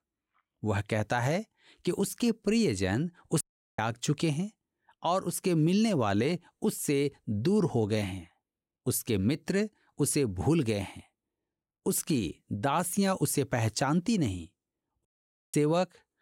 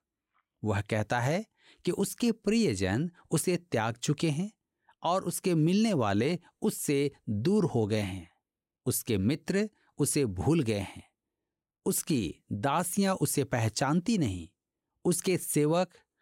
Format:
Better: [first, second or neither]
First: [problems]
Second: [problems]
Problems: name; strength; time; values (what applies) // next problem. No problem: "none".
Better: second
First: audio cutting out; at 3.5 s and at 15 s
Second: none